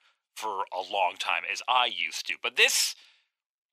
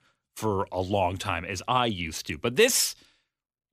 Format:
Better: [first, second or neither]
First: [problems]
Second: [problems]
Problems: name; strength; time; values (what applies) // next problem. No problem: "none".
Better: second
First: thin; very; fading below 700 Hz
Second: none